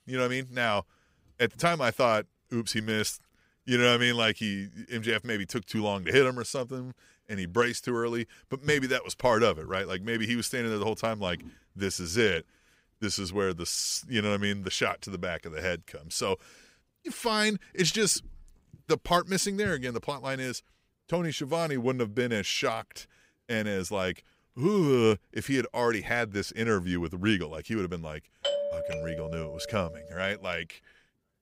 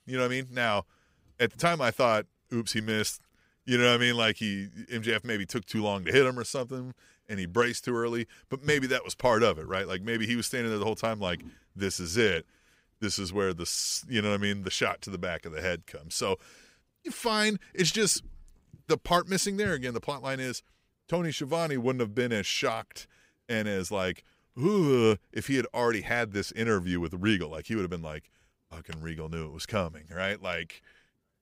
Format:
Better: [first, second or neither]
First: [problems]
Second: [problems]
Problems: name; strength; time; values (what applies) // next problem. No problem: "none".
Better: second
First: doorbell; noticeable; from 28 to 30 s; peak 1 dB below the speech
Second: none